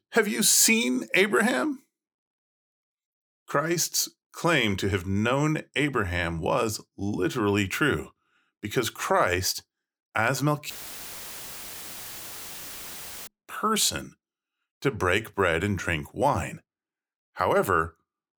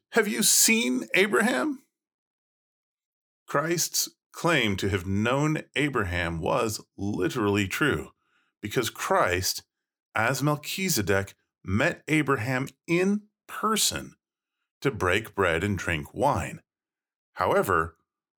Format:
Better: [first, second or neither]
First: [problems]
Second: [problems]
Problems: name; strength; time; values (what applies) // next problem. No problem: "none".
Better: second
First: audio cutting out; filled with static; at 11 s for 2.5 s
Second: none